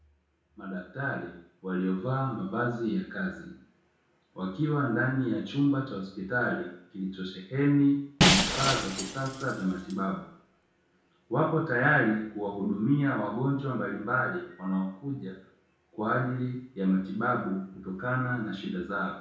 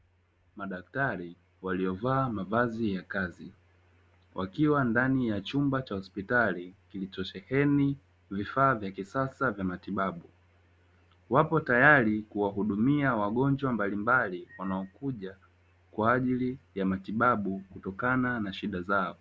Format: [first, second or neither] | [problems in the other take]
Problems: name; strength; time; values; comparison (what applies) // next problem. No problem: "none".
second | background sound (Shatter); 1 dB above the speech // room echo; dies away in 0.5 s